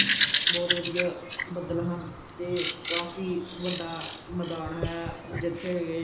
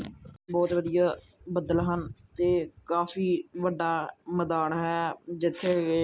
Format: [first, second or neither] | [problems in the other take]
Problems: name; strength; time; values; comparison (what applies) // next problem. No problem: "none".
second | background sound (Bird vocalization, bird call, bird song); 1 dB above the speech // room echo; dies away in 0.8 s